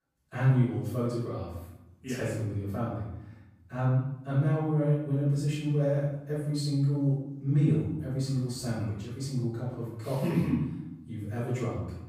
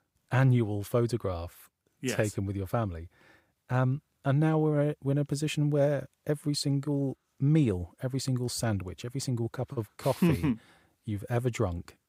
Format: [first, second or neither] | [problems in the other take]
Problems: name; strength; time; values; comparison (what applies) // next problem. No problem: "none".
second | off-mic speech; far // room echo; noticeable; dies away in 0.9 s